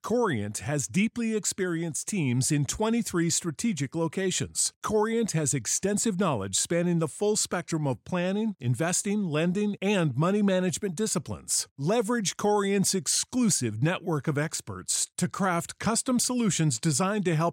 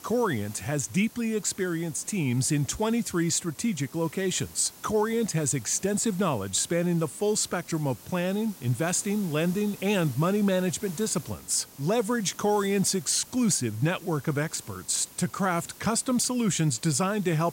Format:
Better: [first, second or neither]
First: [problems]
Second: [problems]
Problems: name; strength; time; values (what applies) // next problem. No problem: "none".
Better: first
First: none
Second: hiss; noticeable; throughout; 20 dB below the speech